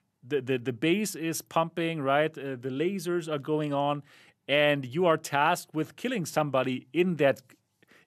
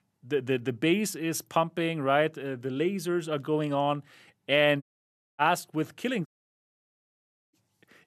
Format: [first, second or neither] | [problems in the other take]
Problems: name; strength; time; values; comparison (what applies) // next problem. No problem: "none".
first | audio cutting out; at 5 s for 0.5 s and at 6.5 s for 1.5 s